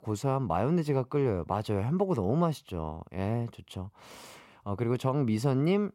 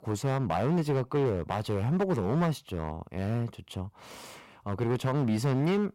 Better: first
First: none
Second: distortion; slight; 9% of the sound clipped

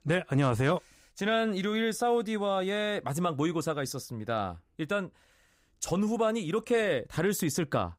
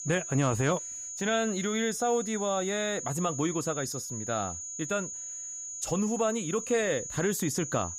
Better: first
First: none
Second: high-pitched whine; loud; throughout; 7 kHz, 6 dB below the speech

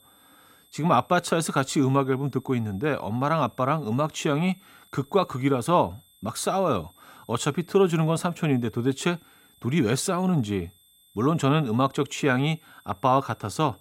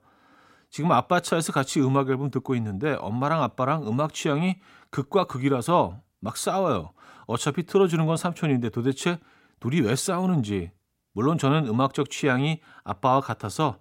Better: second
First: high-pitched whine; faint; throughout; 3.5 kHz, 30 dB below the speech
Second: none

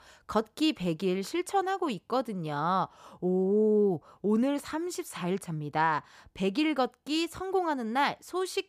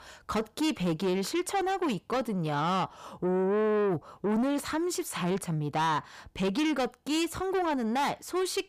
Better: first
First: none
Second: distortion; heavy; 8 dB below the speech

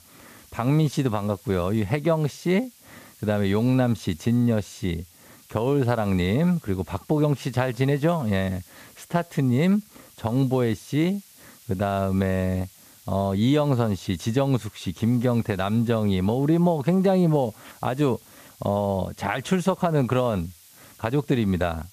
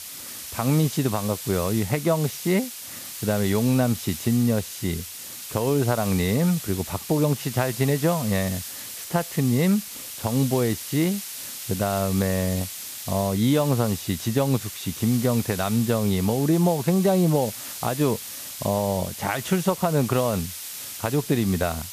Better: first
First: hiss; faint; throughout; 25 dB below the speech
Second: hiss; loud; throughout; 9 dB below the speech

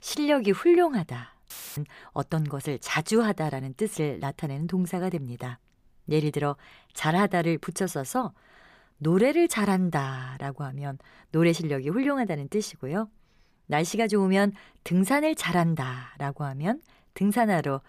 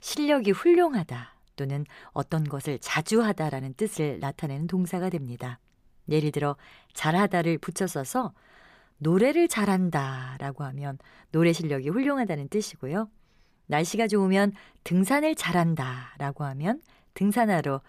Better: second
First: audio cutting out; filled with static; at 1.5 s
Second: none

